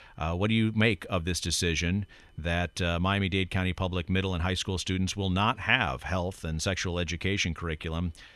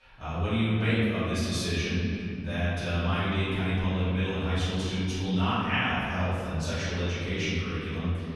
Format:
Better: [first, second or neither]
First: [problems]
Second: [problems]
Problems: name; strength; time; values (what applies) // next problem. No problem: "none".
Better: first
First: none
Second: room echo; strong; dies away in 2.4 s // off-mic speech; far